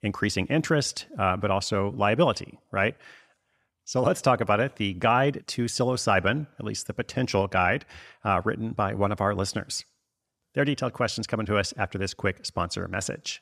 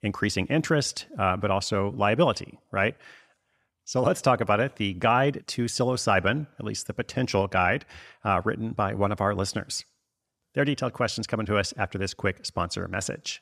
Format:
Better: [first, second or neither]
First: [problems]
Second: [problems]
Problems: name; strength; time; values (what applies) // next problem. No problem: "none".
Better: neither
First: none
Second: none